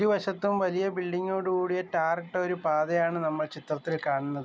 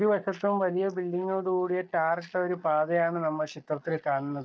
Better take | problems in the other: first | noise reduction (neural mask model DeepFilterNet 3)

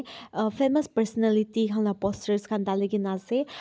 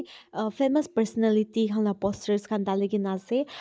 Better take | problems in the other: first | noise reduction (neural mask model DeepFilterNet 3)

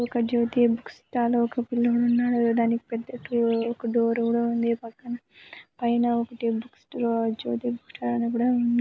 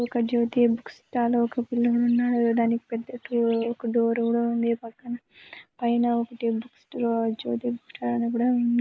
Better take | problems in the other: first | noise reduction (neural mask model Resemble Enhance denoiser)

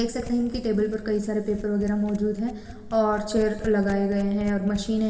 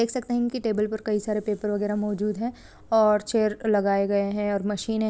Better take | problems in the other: second | background sound (Domestic sounds, home sounds); 15 dB below the speech // room echo; dies away in 1.9 s

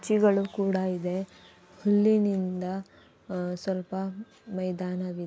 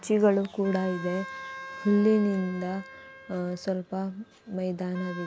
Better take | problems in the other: first | background sound (Wind instrument, woodwind instrument); 16 dB below the speech

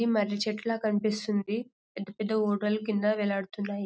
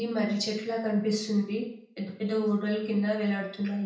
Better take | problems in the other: first | room echo; dies away in 0.5 s

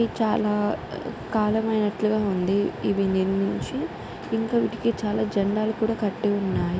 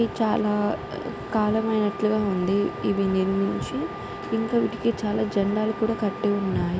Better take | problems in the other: first | background sound (Wind instrument, woodwind instrument); 15 dB below the speech

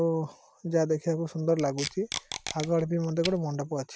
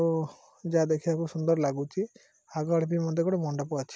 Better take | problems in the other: second | background sound (Packing tape, duct tape); 10 dB below the speech

